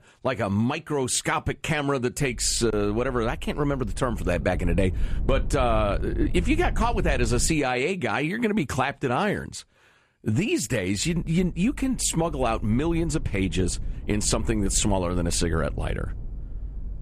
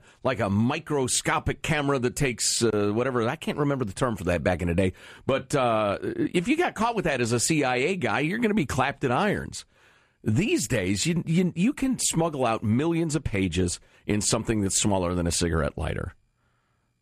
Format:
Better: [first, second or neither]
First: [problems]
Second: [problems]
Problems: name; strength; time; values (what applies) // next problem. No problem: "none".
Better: second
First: low rumble; faint; from 2.5 to 7.5 s and from 11 s on; 20 dB below the speech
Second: none